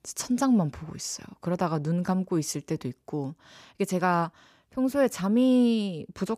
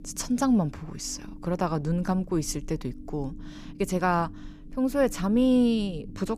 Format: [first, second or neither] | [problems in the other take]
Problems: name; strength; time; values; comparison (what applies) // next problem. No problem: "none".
first | low rumble; faint; throughout; 20 dB below the speech